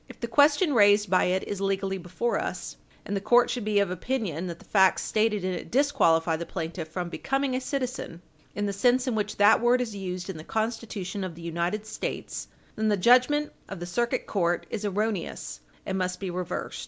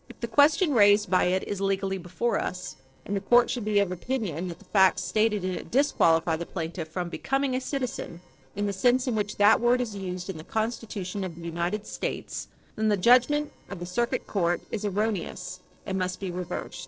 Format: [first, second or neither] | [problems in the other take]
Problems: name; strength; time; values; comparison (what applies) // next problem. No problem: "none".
first | noise reduction (neural separator model SepFormer DNS4)